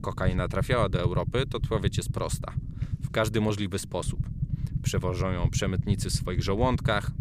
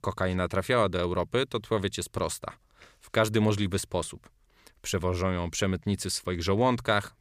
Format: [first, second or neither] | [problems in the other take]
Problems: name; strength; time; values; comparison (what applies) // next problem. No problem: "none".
second | low rumble; noticeable; throughout; 15 dB below the speech